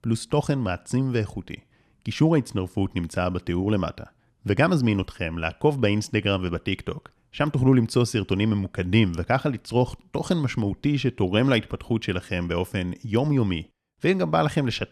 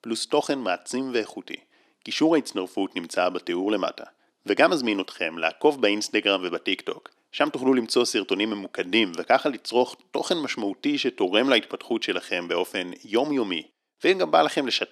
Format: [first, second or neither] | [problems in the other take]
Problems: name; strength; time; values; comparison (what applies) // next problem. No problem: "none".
first | thin; somewhat; fading below 300 Hz